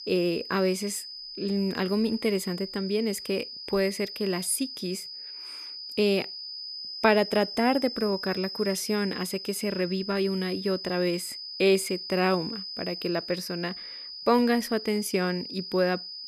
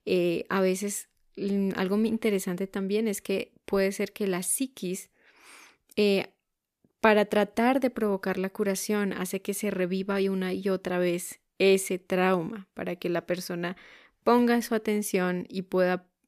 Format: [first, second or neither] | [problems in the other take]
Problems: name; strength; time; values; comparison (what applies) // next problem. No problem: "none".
second | high-pitched whine; loud; throughout; 5 kHz, 9 dB below the speech